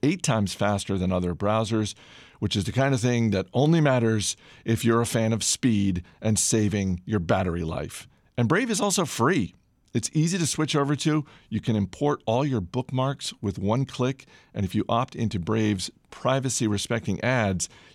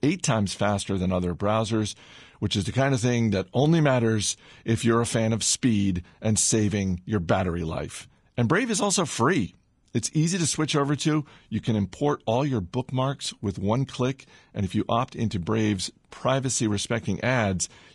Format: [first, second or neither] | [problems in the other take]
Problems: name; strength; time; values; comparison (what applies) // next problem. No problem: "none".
first | garbled, watery; slightly; nothing above 10.5 kHz